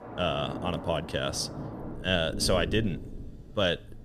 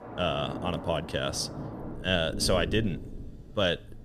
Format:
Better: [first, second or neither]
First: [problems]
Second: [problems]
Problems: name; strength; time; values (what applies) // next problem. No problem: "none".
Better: neither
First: rain or running water; loud; throughout; 9 dB below the speech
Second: rain or running water; loud; throughout; 9 dB below the speech